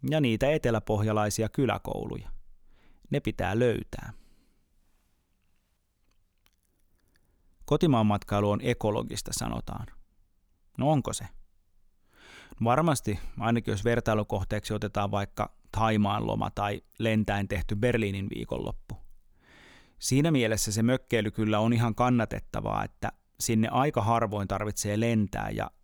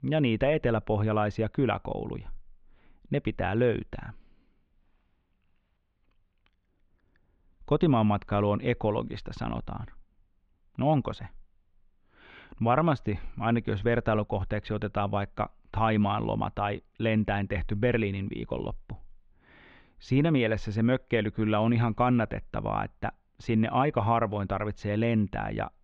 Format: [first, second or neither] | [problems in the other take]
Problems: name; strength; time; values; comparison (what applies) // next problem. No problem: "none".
first | muffled; very; fading above 3 kHz